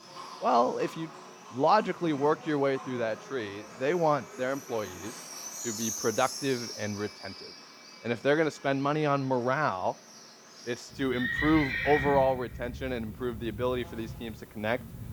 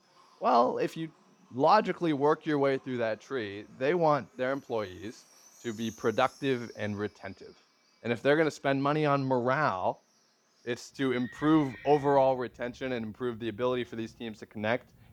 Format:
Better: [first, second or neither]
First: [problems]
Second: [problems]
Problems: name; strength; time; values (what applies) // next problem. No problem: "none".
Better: second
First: animal sounds; loud; throughout; 9 dB below the speech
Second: animal sounds; faint; throughout; 25 dB below the speech